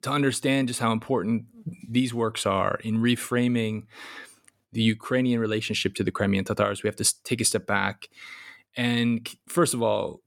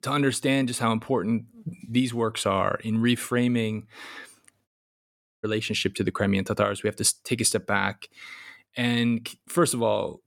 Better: first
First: none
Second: audio cutting out; at 4.5 s for 1 s

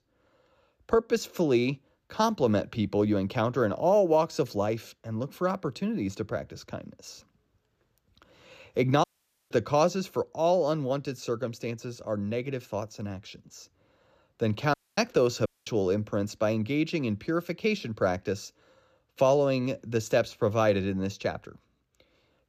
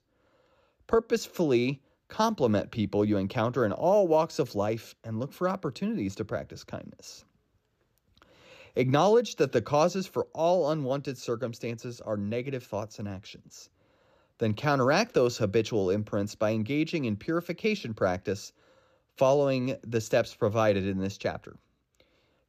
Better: second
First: audio cutting out; at 9 s and at 15 s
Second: none

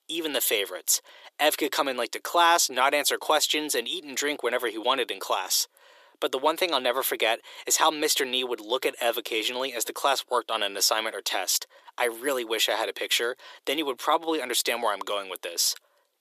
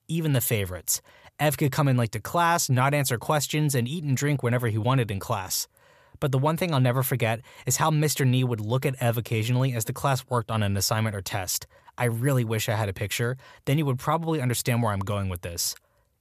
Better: second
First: thin; very; fading below 350 Hz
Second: none

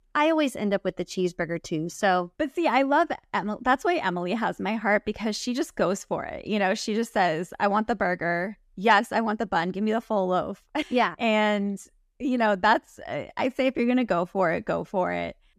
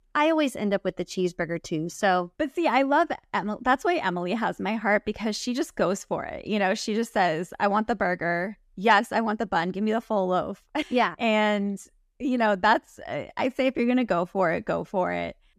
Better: neither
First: none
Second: none

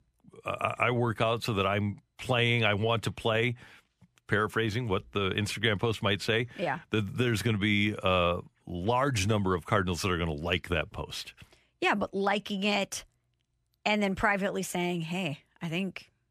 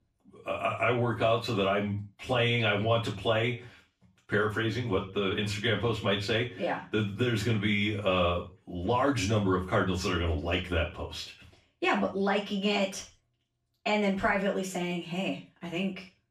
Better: first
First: none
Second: room echo; slight; dies away in 0.3 s // off-mic speech; far

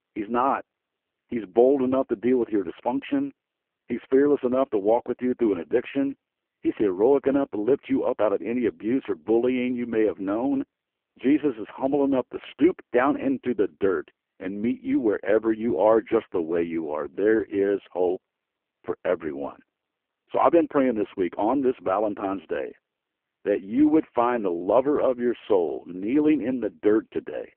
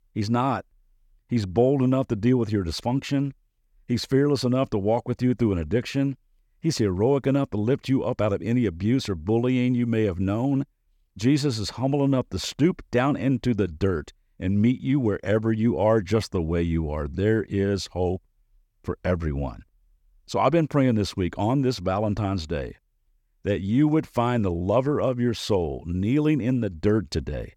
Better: second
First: phone-call audio; poor line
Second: none

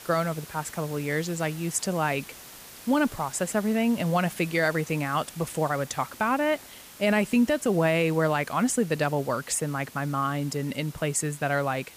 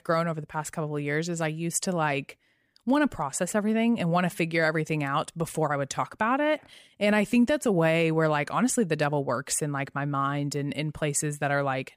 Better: second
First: hiss; noticeable; throughout; 15 dB below the speech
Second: none

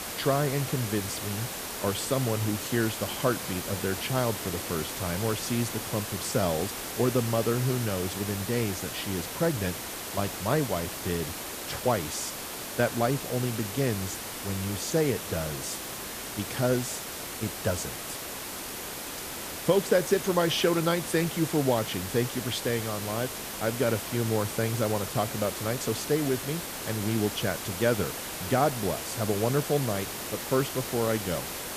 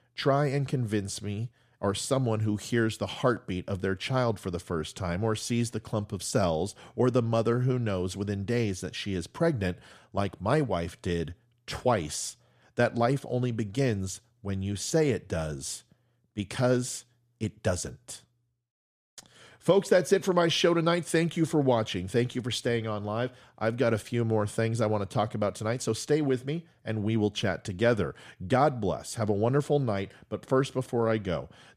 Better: second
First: hiss; loud; throughout; 5 dB below the speech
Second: none

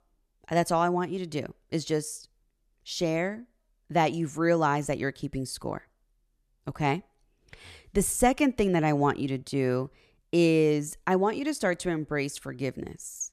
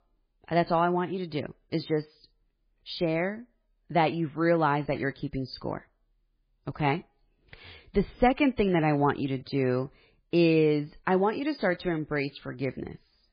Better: first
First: none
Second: garbled, watery; badly; nothing above 4.5 kHz

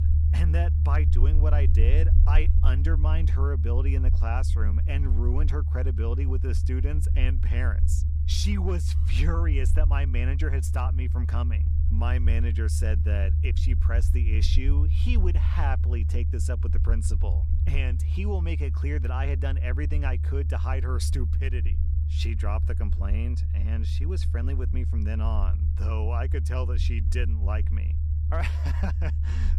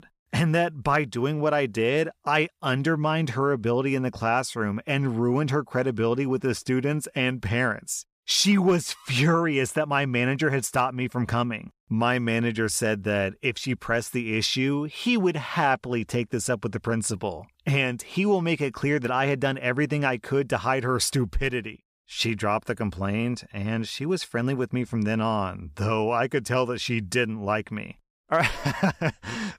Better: second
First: low rumble; loud; throughout; 6 dB below the speech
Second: none

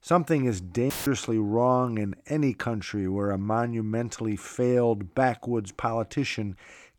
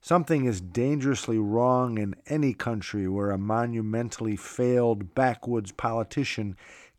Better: second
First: audio cutting out; filled with static; at 1 s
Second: none

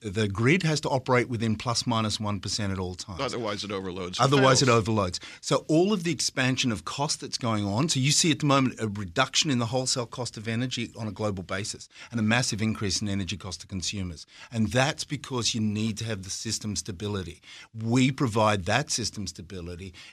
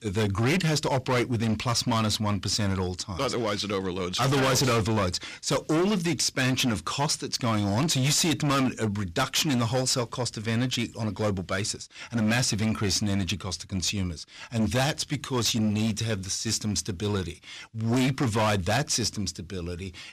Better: first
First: none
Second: distortion; heavy; 15% of the sound clipped

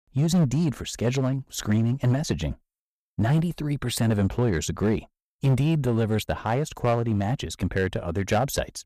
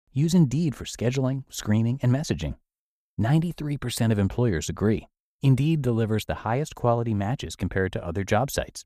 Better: second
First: distortion; slight; 7% of the sound clipped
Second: none

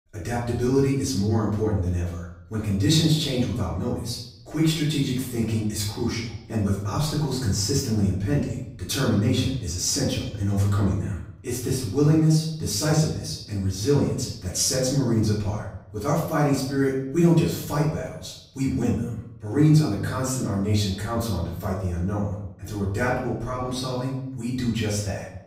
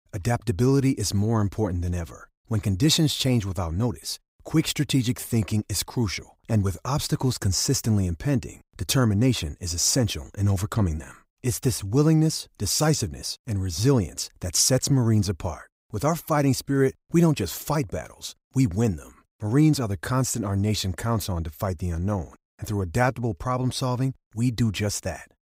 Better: second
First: off-mic speech; far // room echo; noticeable; dies away in 0.7 s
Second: none

